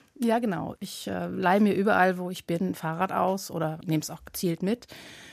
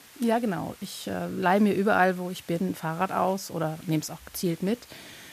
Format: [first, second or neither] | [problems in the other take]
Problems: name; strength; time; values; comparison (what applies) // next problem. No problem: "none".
first | hiss; faint; throughout; 20 dB below the speech